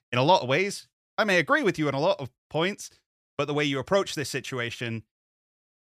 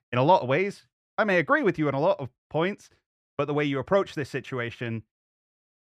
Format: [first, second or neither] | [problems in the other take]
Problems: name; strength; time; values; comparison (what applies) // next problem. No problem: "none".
first | muffled; slightly; fading above 3 kHz